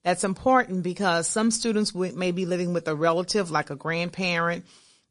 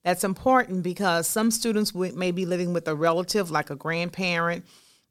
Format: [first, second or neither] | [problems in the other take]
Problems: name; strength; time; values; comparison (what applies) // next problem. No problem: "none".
second | garbled, watery; slightly; nothing above 10.5 kHz